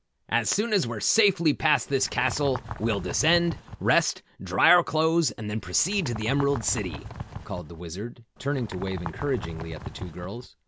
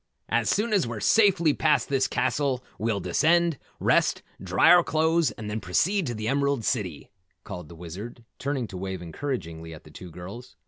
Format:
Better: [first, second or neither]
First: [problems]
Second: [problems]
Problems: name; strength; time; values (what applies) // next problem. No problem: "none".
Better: second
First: background sound (Bird); 11 dB below the speech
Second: none